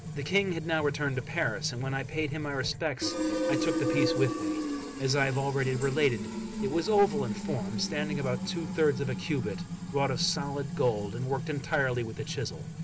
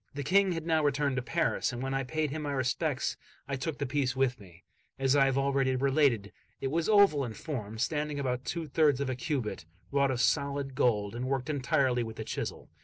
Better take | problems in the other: second | background sound (Fill (with liquid)); 4 dB below the speech

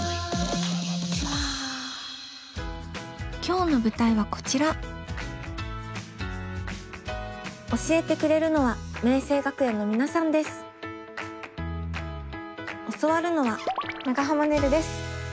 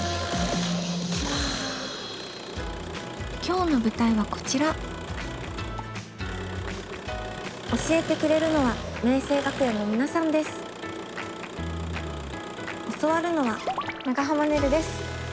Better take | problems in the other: first | background sound (Engine); 10 dB below the speech

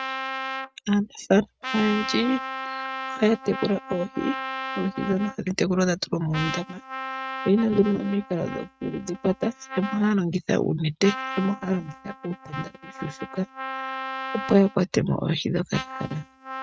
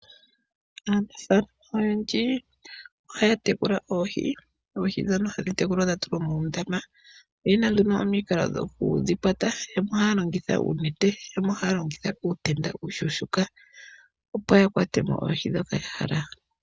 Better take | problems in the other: second | noise reduction (neural mask model RNNoise)

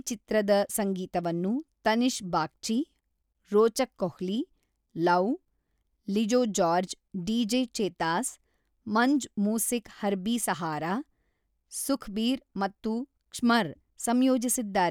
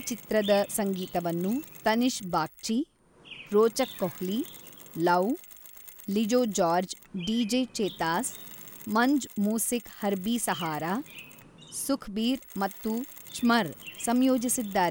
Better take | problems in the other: first | background sound (Mechanisms + Chirp, tweet); 18 dB below the speech

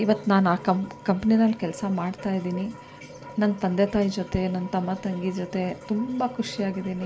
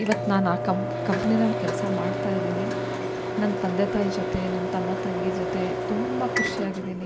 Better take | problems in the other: first | background sound (Microwave oven); 1 dB below the speech

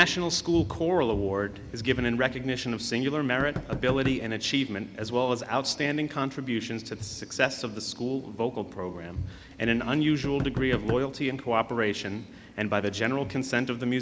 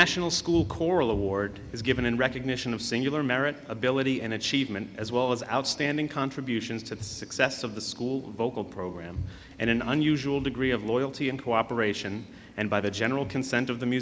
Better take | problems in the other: second | background sound (Knock); 8 dB below the speech

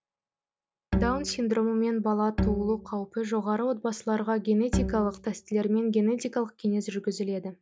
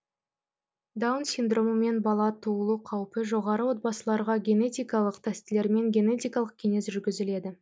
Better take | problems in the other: second | background sound (Bowed string instrument); 4 dB below the speech

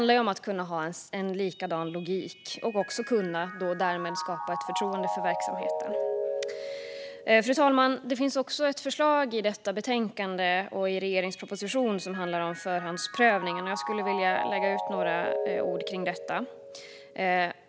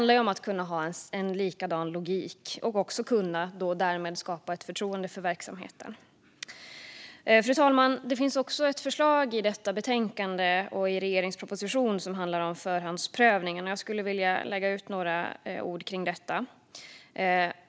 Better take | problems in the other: second | background sound (Mallet percussion); 7 dB below the speech

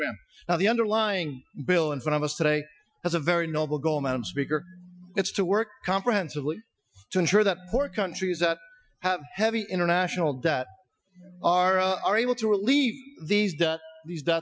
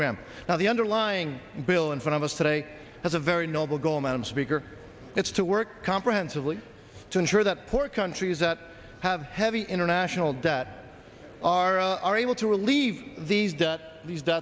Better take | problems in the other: second | noise reduction (classical method Wiener filter)

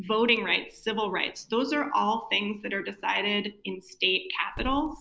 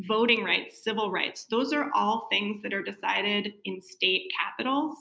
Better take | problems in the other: second | background sound (Growling / Hiss); 18 dB below the speech

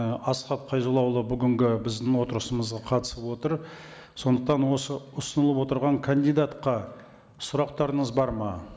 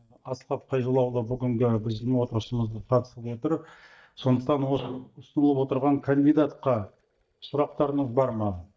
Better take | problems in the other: first | noise reduction (neural mask model DeepFilterNet 3)

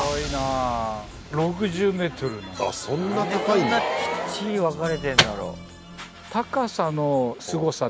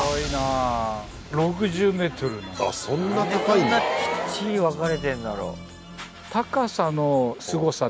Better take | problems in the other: second | background sound (Microwave oven); 2 dB below the speech

